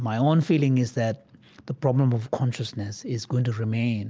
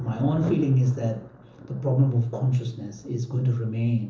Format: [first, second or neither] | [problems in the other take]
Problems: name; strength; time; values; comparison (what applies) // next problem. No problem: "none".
first | background sound (Thunder); 18 dB below the speech // room echo; dies away in 0.7 s